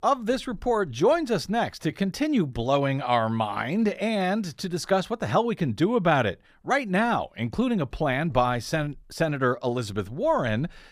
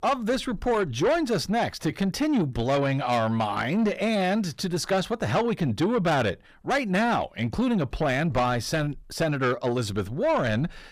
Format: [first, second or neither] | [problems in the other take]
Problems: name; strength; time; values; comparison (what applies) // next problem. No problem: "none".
first | distortion; slight; 10 dB below the speech